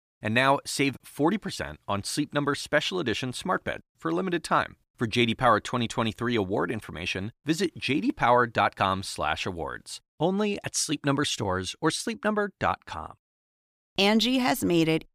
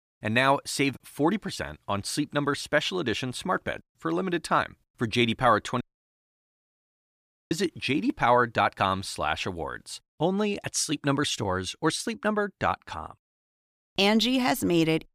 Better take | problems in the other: first | audio cutting out; at 6 s for 1.5 s

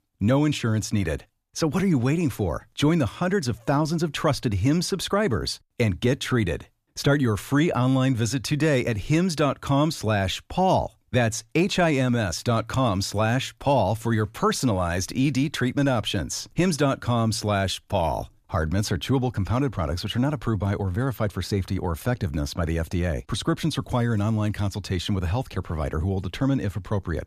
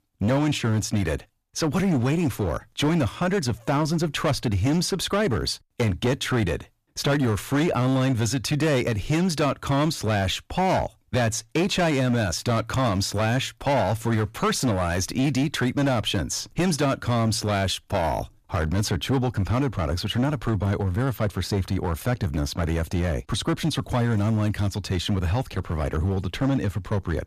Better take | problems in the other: first | distortion; slight; 14% of the sound clipped

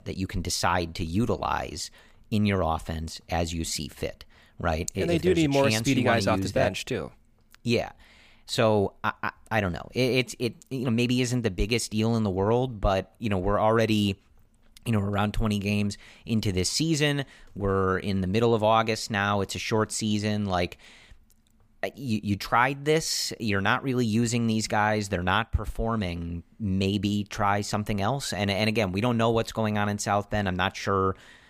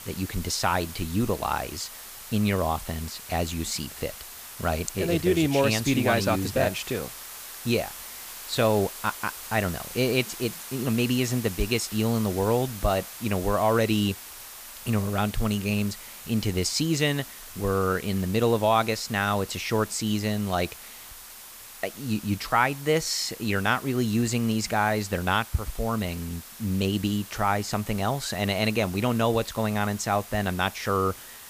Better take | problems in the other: first | hiss; noticeable; throughout; 15 dB below the speech

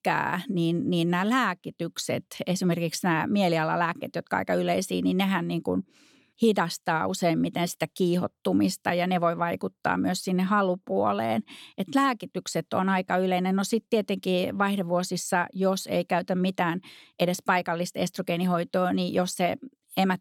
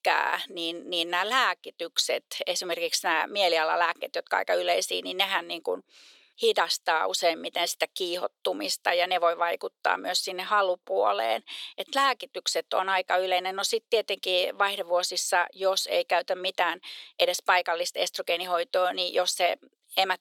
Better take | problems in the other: first | thin; very; fading below 450 Hz

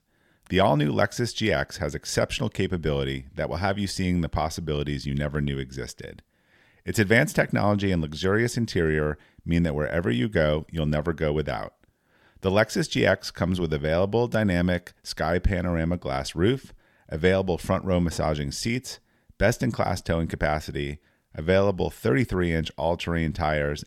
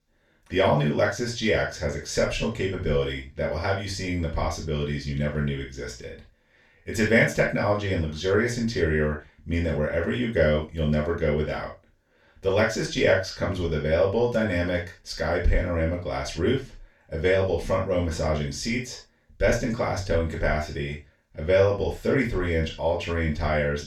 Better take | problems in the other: first | room echo; noticeable; dies away in 0.2 s // off-mic speech; far

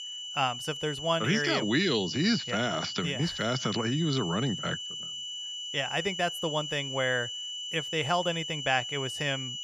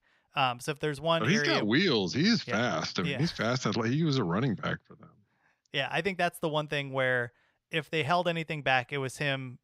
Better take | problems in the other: second | high-pitched whine; loud; throughout; 3 kHz, 6 dB below the speech

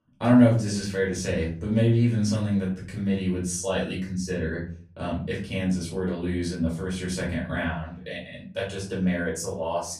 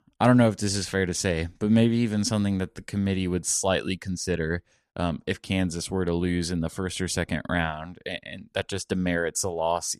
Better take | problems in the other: second | off-mic speech; far // room echo; slight; dies away in 0.5 s

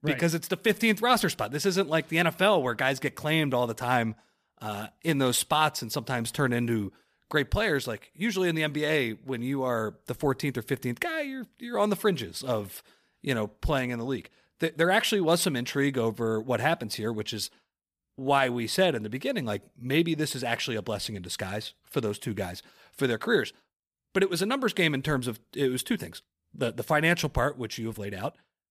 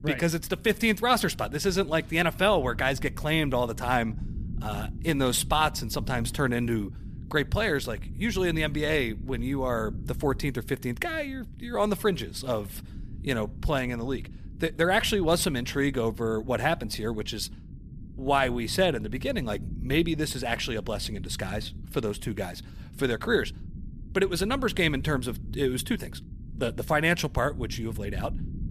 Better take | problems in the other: first | low rumble; faint; throughout; 25 dB below the speech

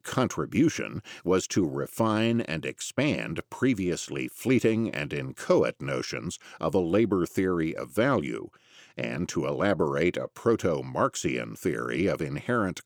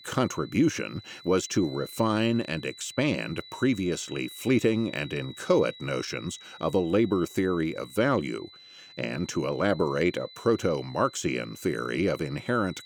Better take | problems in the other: first | high-pitched whine; noticeable; throughout; 4 kHz, 20 dB below the speech

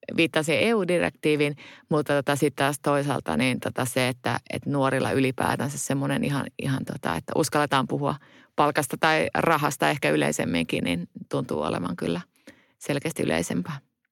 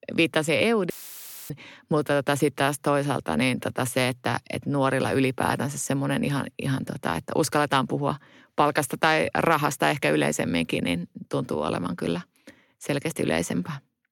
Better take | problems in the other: first | audio cutting out; filled with static; at 1 s for 0.5 s

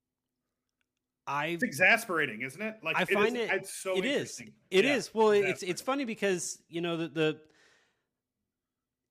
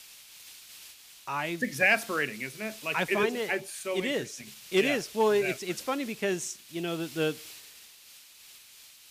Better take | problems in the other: first | hiss; noticeable; throughout; 15 dB below the speech

